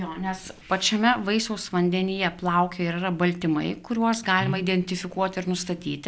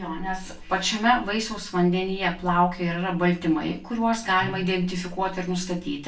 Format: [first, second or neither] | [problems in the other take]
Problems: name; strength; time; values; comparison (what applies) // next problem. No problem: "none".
first | room echo; dies away in 0.3 s